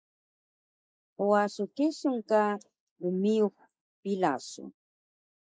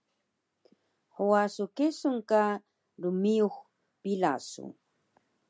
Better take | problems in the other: second | noise reduction (neural mask model Resemble Enhance denoiser)

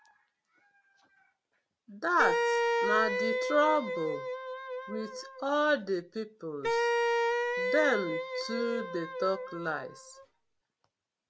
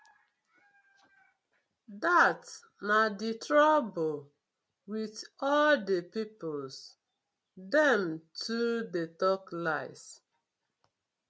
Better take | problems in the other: second | background sound (Wind instrument, woodwind instrument); 1 dB above the speech

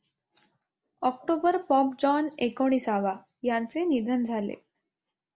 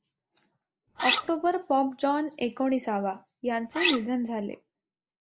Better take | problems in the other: first | noise reduction (neural mask model Resemble Enhance denoiser)

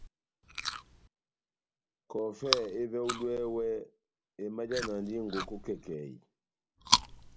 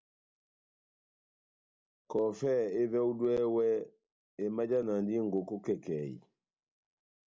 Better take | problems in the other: second | background sound (Chewing, mastication); as loud as the speech

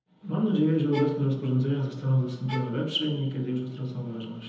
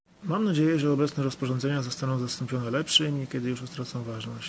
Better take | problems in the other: second | background sound (Bowed string instrument); 15 dB below the speech // room echo; dies away in 1.1 s

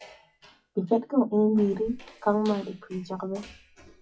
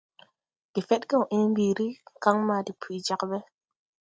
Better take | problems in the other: second | noise reduction (classical method WPE with log-MMSE)

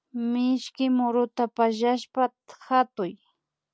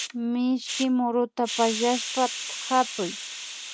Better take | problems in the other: first | background sound (Hiss); 8 dB below the speech

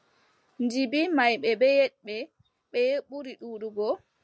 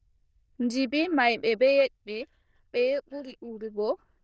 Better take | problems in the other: first | noise reduction (neural diffusion model UNIVERSE++)

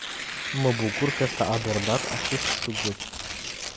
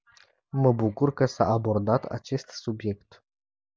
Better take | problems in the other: second | background sound (Tearing); 3 dB below the speech

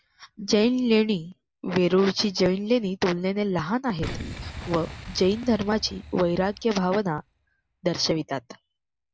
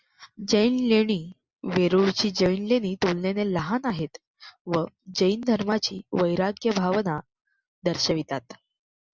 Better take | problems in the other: second | background sound (Boom); 17 dB below the speech

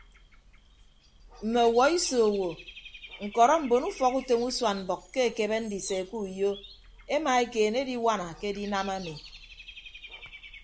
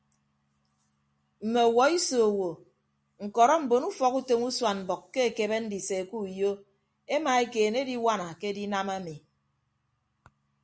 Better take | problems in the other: second | background sound (Bird / Dog); 20 dB below the speech

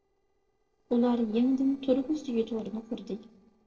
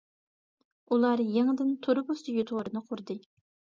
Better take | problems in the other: second | noise reduction (neural separator model SepFormer DNS4)

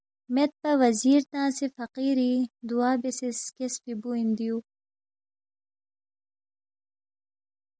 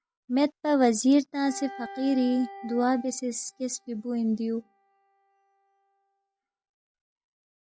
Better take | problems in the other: first | noise reduction (classical method log-MMSE)

